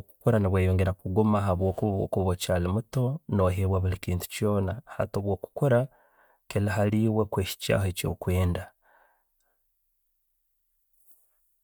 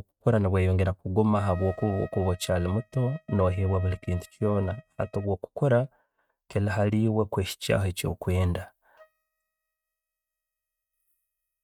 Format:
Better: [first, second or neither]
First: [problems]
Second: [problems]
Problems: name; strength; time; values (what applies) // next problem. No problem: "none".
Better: first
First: none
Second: noise reduction (neural mask model RNNoise)